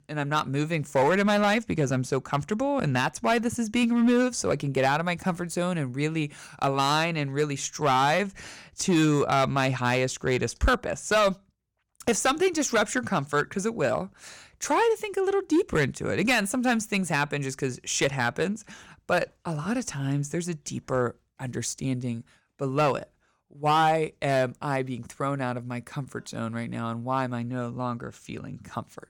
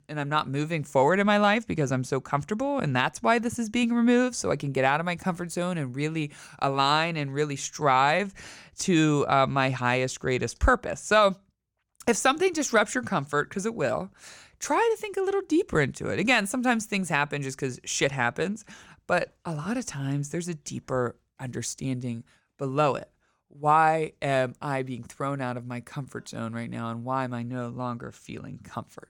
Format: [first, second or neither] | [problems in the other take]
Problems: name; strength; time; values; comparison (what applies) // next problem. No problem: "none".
second | distortion; slight; 3% of the sound clipped